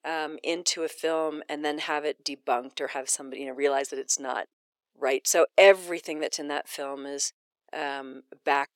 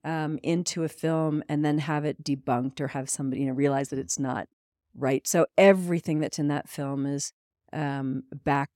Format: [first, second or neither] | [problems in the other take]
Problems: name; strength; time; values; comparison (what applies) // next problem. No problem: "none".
second | thin; very; fading below 400 Hz